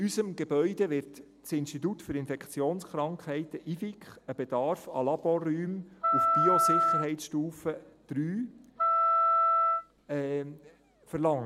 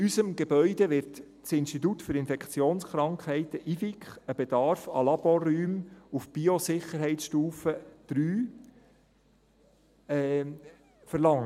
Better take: second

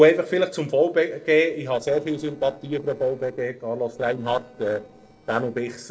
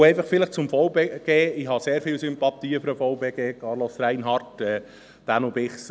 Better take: second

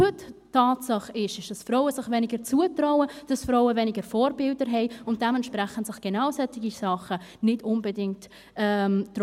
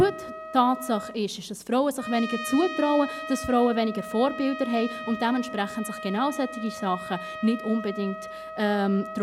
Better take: first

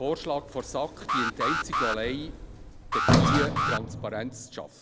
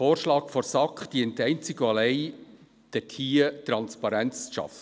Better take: second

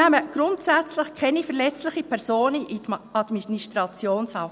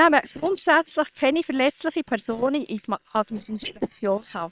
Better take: first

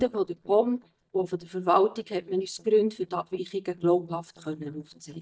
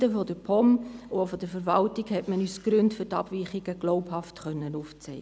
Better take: second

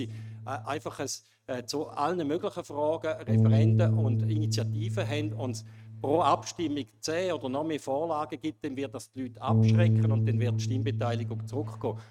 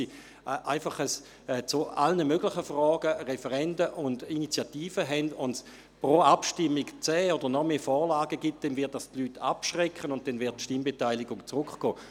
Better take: second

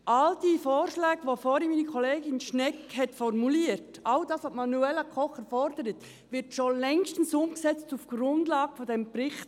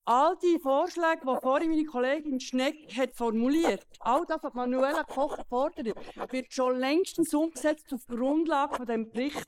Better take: first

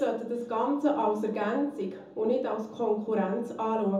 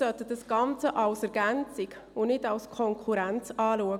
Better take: second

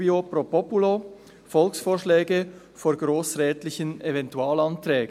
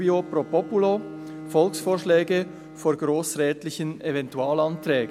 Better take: first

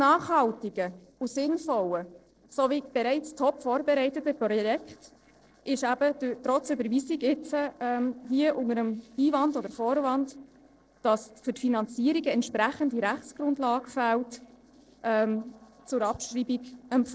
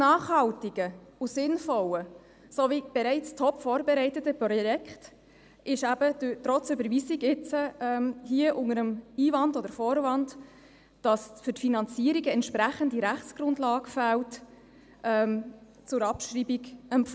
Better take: second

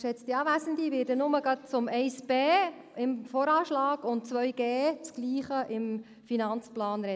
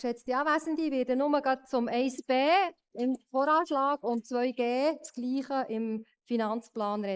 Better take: first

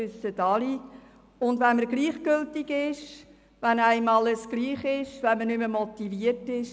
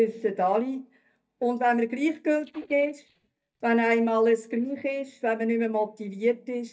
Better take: first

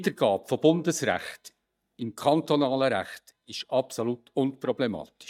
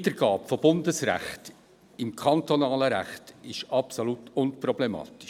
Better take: second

